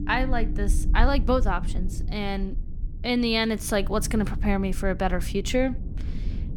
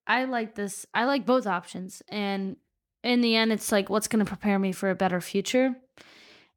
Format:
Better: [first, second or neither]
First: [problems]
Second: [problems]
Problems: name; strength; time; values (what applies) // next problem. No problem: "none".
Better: second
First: low rumble; noticeable; throughout; 20 dB below the speech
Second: none